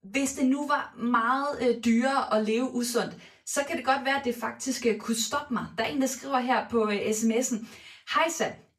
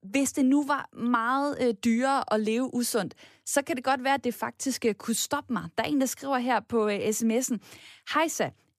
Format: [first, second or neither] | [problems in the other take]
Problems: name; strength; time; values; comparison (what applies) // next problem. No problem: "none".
second | room echo; very slight; dies away in 0.3 s // off-mic speech; far